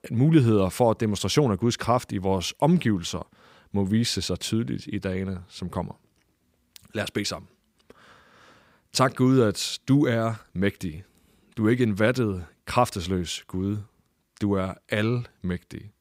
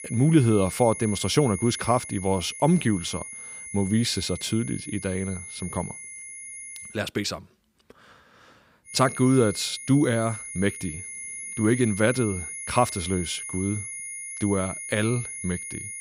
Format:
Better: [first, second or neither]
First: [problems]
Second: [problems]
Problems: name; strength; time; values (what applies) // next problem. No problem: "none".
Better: first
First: none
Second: high-pitched whine; loud; until 7 s and from 9 s on; 10.5 kHz, 9 dB below the speech